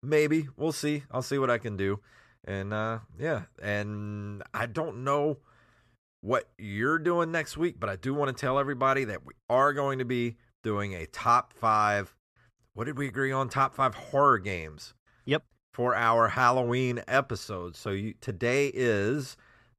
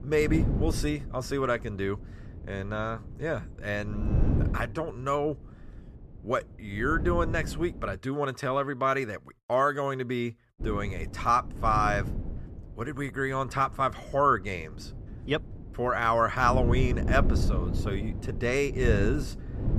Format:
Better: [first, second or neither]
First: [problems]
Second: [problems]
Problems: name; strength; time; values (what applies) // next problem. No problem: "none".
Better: first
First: none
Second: wind noise on the microphone; occasional gusts; until 8 s and from 11 s on; 15 dB below the speech